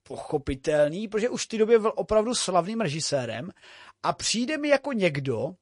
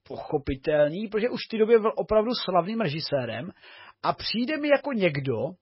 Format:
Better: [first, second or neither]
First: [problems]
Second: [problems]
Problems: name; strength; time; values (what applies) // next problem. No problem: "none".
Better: first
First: garbled, watery; slightly; nothing above 10.5 kHz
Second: garbled, watery; badly; nothing above 5.5 kHz